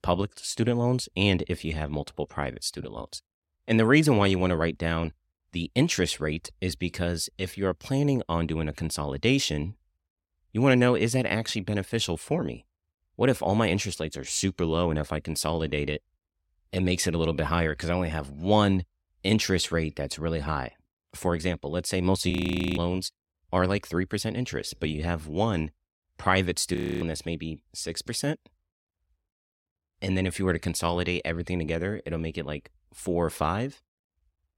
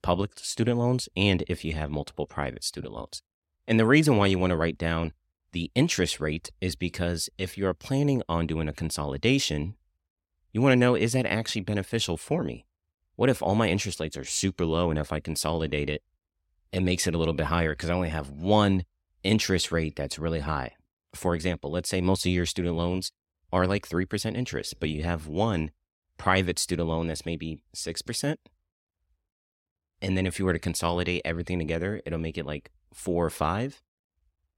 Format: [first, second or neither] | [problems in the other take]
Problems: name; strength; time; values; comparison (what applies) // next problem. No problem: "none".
second | audio freezing; at 22 s and at 27 s